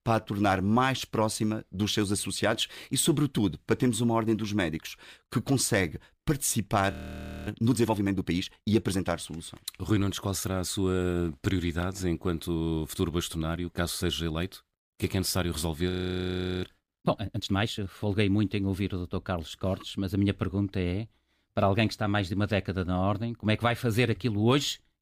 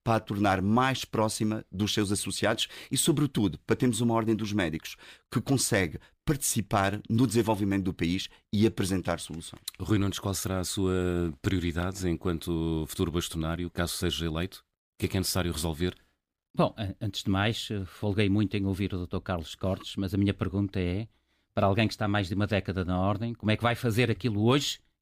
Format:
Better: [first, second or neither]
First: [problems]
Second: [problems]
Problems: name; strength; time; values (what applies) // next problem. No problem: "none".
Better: second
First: audio freezing; at 7 s for 0.5 s and at 16 s for 0.5 s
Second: none